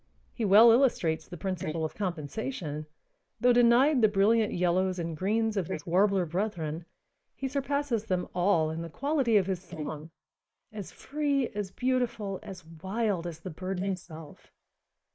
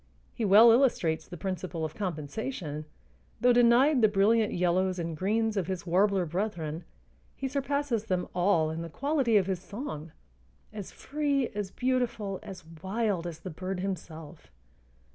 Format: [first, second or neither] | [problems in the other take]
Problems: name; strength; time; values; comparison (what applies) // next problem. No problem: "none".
second | noise reduction (neural mask model Resemble Enhance denoiser)